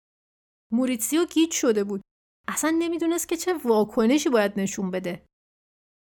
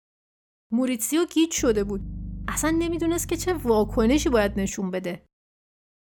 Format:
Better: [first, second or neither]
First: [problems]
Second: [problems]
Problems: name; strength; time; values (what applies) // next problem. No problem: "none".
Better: first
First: none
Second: low rumble; faint; from 1.5 to 4.5 s; 25 dB below the speech